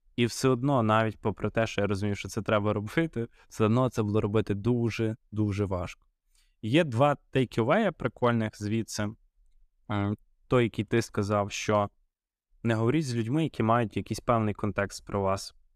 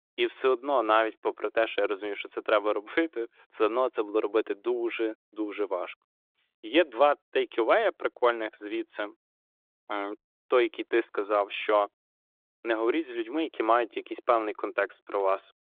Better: first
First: none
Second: phone-call audio; nothing above 3.5 kHz

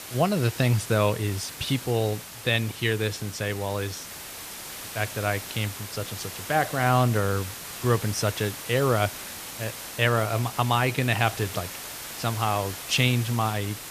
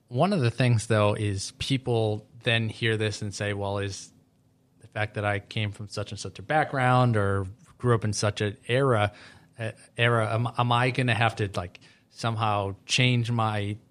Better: second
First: hiss; loud; throughout; 10 dB below the speech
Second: none

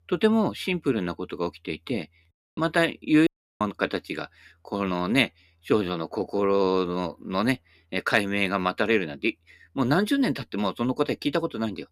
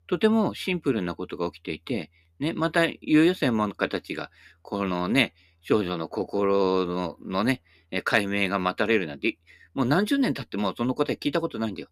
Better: second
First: audio cutting out; at 2.5 s and at 3.5 s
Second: none

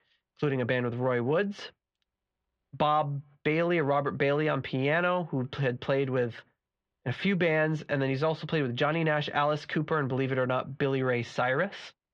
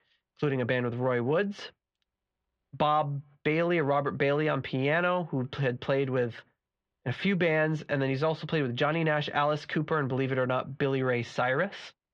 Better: neither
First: muffled; slightly; fading above 3.5 kHz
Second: muffled; slightly; fading above 3.5 kHz

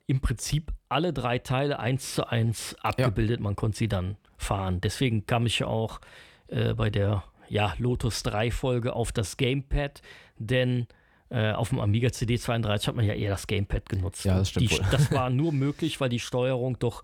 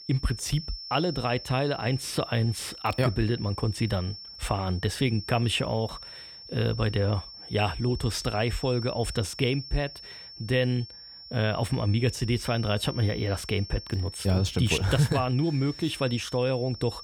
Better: first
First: none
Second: high-pitched whine; noticeable; throughout; 5.5 kHz, 15 dB below the speech

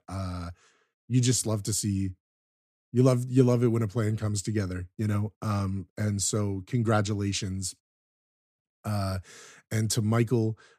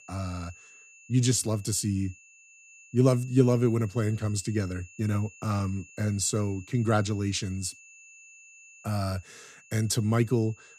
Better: first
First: none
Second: high-pitched whine; faint; throughout; 2.5 kHz, 25 dB below the speech

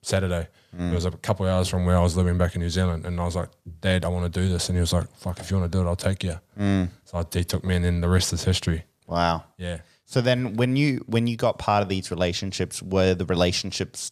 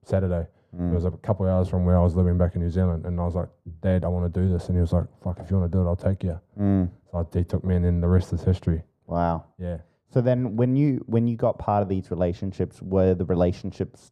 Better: first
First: none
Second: muffled; very; fading above 1.5 kHz

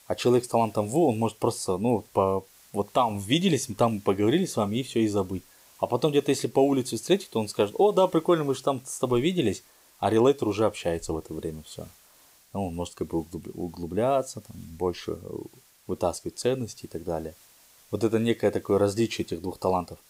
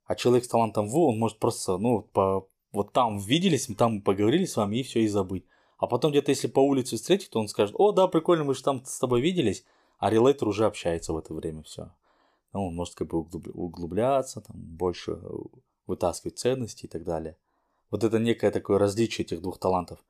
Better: second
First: hiss; faint; throughout; 25 dB below the speech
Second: none

